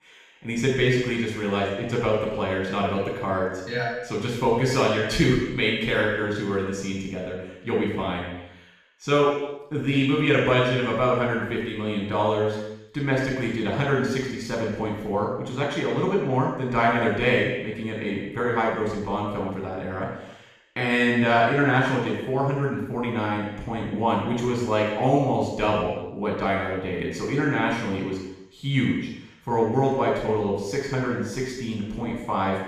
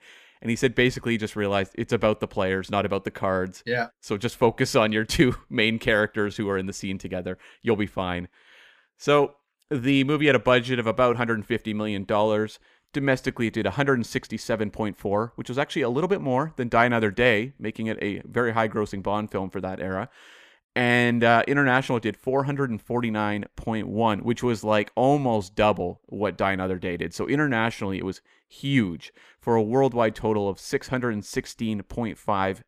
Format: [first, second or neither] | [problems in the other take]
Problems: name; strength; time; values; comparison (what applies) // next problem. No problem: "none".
second | room echo; strong; dies away in 0.9 s // off-mic speech; far